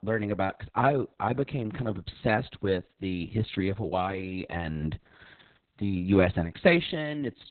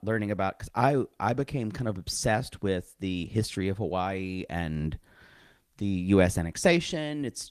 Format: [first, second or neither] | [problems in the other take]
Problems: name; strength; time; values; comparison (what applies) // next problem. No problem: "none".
second | garbled, watery; badly; nothing above 4 kHz; slightly in the second